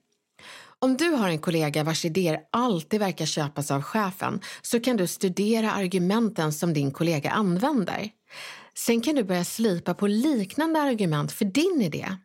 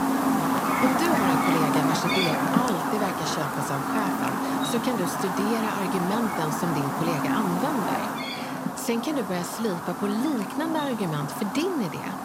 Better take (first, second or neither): first